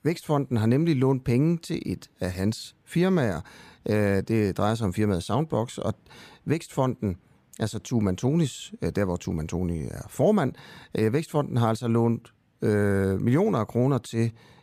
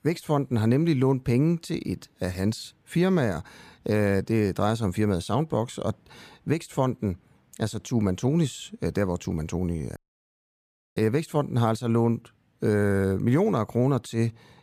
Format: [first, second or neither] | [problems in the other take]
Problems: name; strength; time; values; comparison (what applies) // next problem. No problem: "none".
first | audio cutting out; at 10 s for 1 s